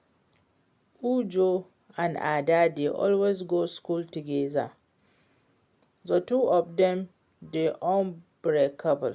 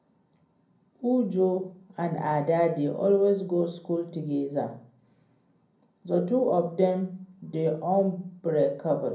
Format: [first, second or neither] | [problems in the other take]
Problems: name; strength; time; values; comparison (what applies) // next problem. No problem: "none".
first | room echo; dies away in 0.6 s